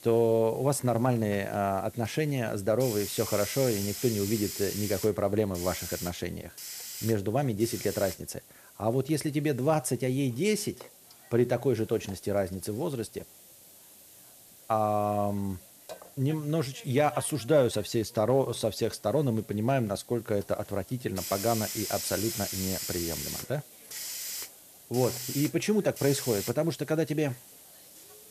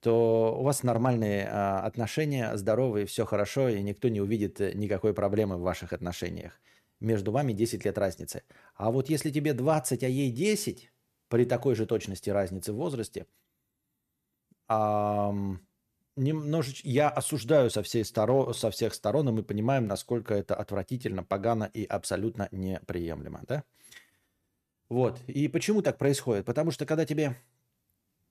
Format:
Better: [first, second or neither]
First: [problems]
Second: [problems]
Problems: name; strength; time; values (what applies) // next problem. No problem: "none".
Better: second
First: hiss; loud; throughout; 8 dB below the speech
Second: none